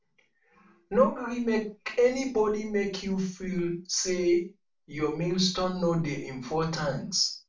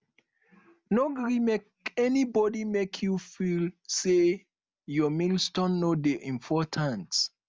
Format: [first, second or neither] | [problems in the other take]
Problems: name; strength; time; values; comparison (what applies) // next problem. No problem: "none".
second | room echo; dies away in 0.3 s